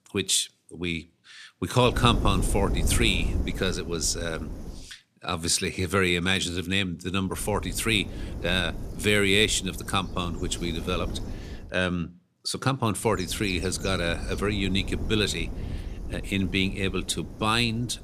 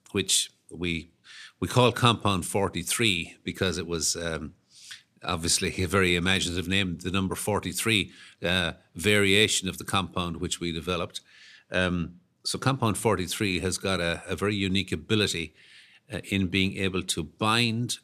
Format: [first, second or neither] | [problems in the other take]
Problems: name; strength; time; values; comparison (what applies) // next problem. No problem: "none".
second | wind noise on the microphone; occasional gusts; from 2 to 5 s, from 7.5 to 12 s and from 13 s on; 15 dB below the speech